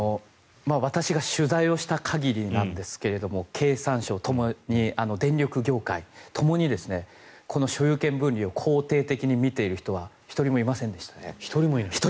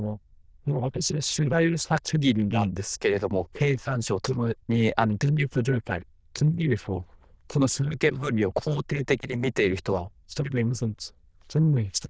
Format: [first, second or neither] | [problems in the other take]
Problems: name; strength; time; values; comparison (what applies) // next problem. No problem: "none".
first | noise reduction (neural diffusion model UNIVERSE++)